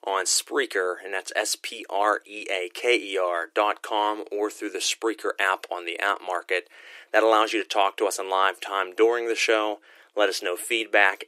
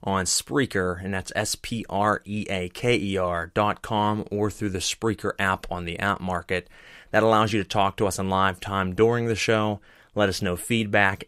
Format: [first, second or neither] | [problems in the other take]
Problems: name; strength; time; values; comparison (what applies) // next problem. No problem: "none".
second | thin; very; fading below 350 Hz